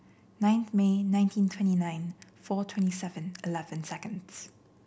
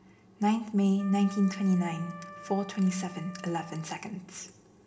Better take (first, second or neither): first